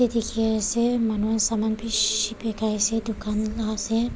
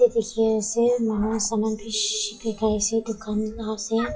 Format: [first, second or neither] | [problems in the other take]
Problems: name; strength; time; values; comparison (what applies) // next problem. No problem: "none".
first | noise reduction (classical method WPE with log-MMSE)